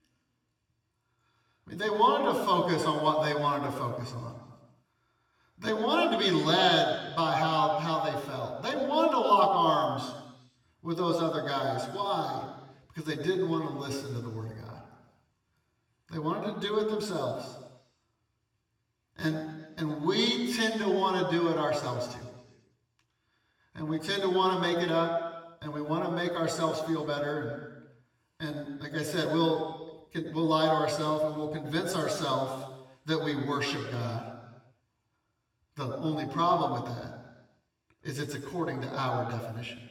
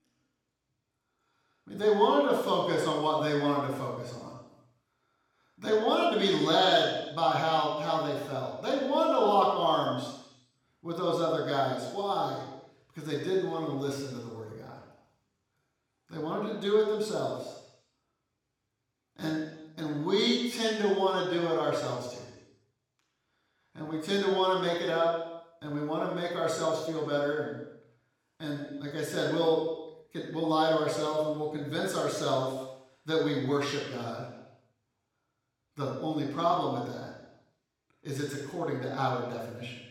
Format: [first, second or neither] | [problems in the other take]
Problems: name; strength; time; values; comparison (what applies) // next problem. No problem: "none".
first | room echo; strong; dies away in 0.9 s; slight in the first // off-mic speech; far; somewhat distant in the first